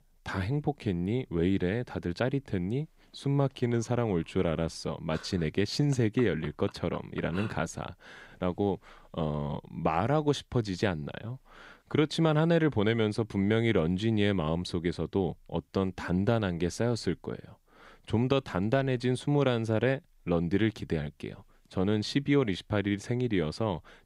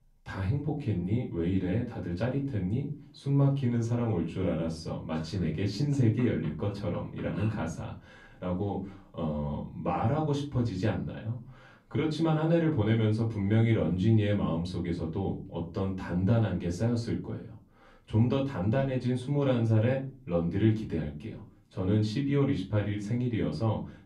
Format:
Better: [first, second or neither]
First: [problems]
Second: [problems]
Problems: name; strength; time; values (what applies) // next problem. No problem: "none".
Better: first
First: none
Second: off-mic speech; far // room echo; slight; dies away in 0.4 s